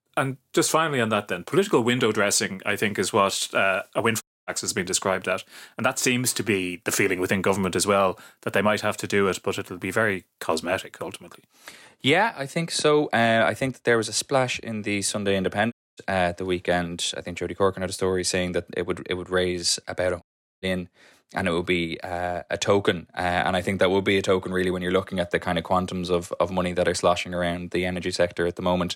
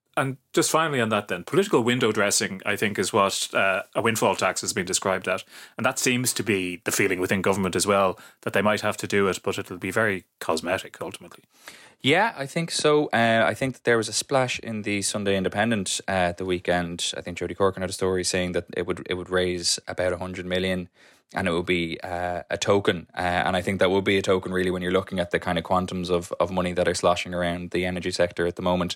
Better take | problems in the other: second | audio cutting out; at 4 s, at 16 s and at 20 s

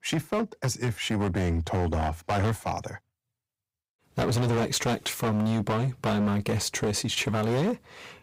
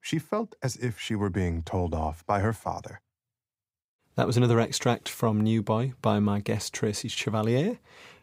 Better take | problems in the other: second | distortion; heavy; 16% of the sound clipped

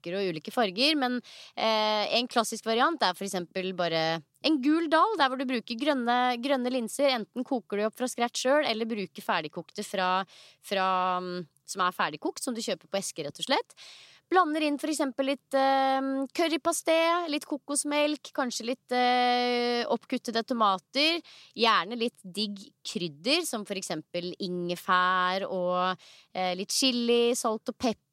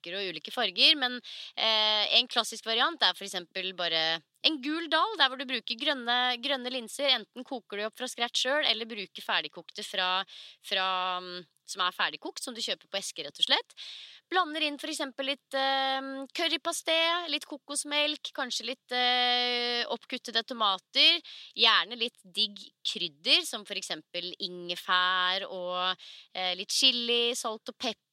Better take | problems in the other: first | thin; very slightly; fading below 750 Hz

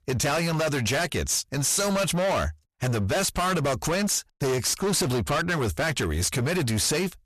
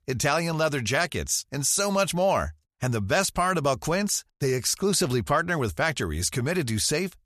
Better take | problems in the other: second | distortion; heavy; 29% of the sound clipped

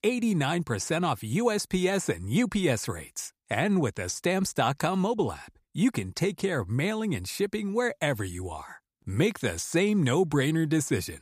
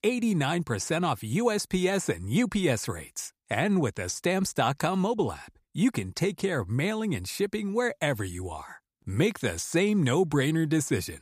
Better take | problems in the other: neither | none

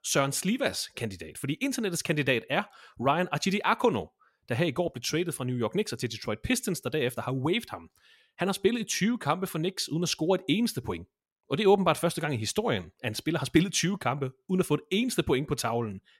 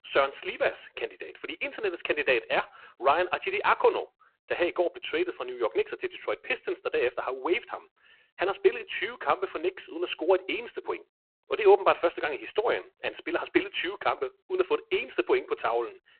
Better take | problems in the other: first | phone-call audio; poor line; nothing above 4 kHz

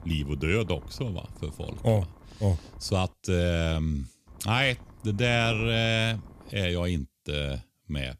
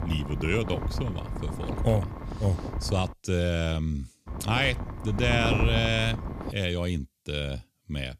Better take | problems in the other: first | wind noise on the microphone; heavy; until 3 s and from 4.5 to 6.5 s; 9 dB below the speech; occasional gusts in the first

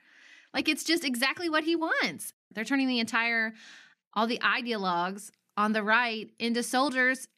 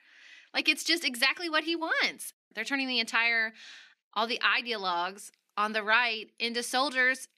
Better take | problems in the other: first | thin; very slightly; fading below 350 Hz

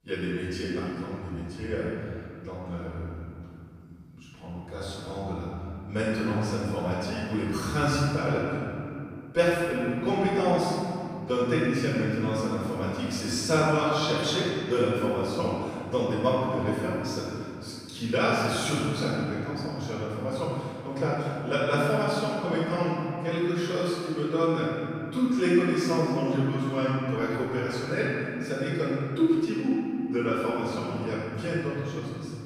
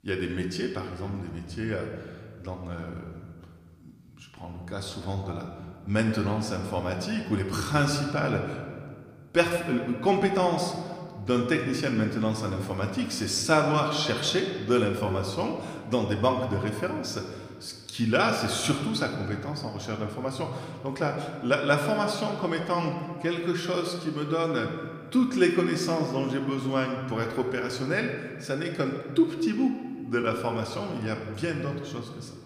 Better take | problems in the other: second | room echo; strong; dies away in 2.4 s; slight in the second // off-mic speech; far

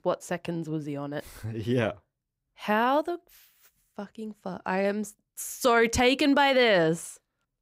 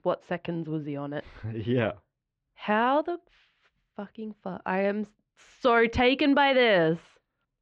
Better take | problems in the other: first | muffled; slightly; fading above 3.5 kHz

